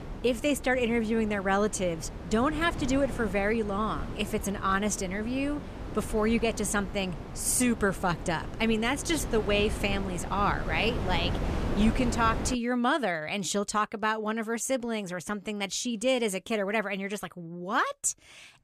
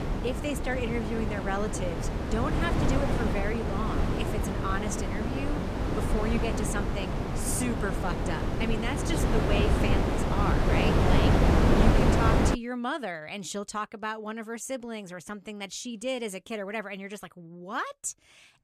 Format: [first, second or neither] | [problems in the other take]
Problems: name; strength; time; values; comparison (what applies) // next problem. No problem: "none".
first | wind noise on the microphone; heavy; until 13 s; 2 dB above the speech; occasional gusts in the first